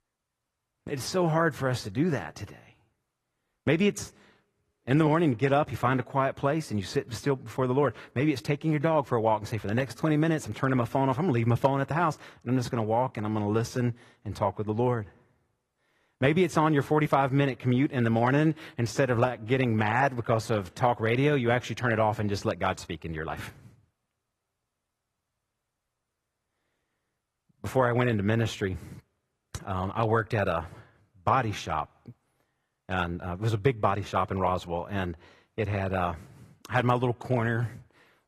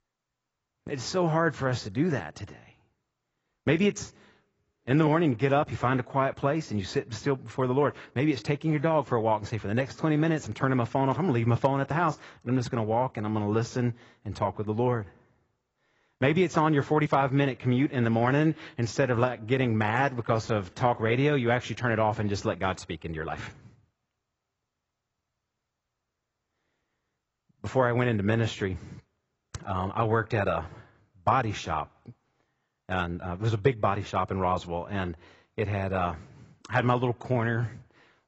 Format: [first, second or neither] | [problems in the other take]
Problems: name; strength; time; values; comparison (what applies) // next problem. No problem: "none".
first | garbled, watery; badly; nothing above 7.5 kHz; slightly in the first